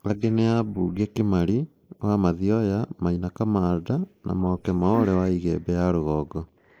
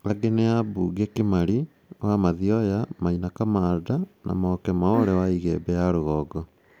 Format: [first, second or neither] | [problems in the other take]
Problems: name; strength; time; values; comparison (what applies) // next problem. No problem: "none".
second | noise reduction (neural mask model Resemble Enhance denoiser)